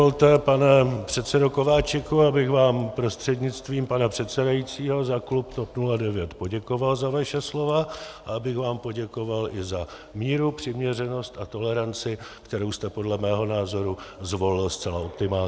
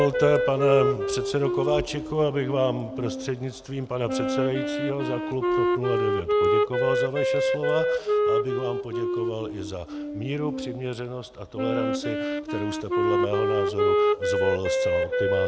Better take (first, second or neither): first